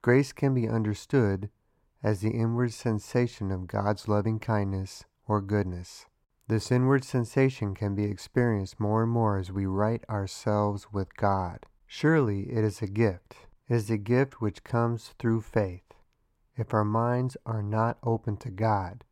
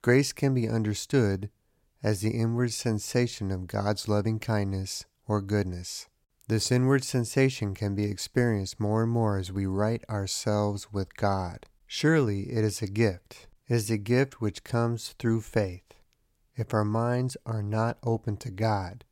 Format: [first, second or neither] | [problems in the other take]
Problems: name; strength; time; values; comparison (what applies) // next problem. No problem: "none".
second | muffled; slightly; fading above 3 kHz